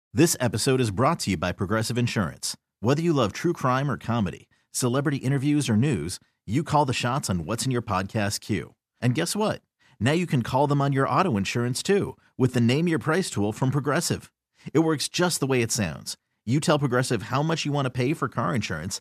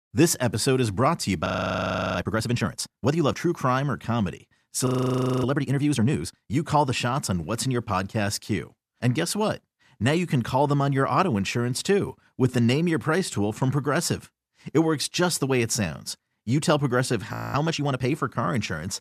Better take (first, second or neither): first